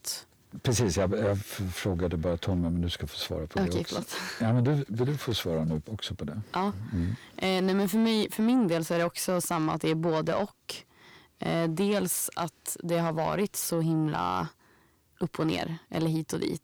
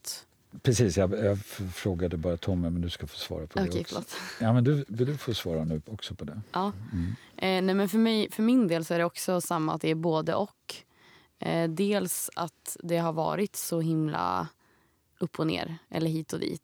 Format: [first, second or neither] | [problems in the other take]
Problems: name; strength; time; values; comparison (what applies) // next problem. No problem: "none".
second | distortion; slight; 10 dB below the speech